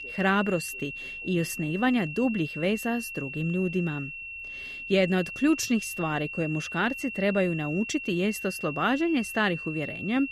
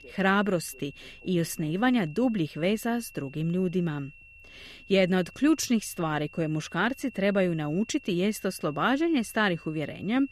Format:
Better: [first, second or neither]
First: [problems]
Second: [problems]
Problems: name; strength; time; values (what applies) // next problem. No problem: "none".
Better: second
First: high-pitched whine; loud; throughout; 2.5 kHz, 8 dB below the speech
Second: high-pitched whine; faint; throughout; 2.5 kHz, 20 dB below the speech